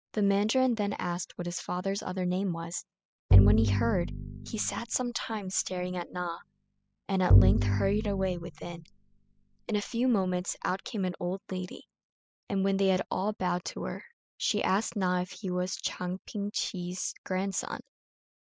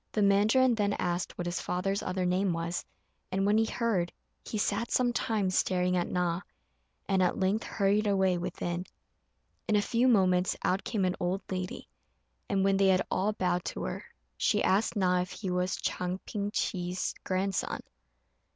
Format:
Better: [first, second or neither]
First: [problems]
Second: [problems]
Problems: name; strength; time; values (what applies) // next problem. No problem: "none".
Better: second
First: noise reduction (classical method spectral subtraction)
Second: none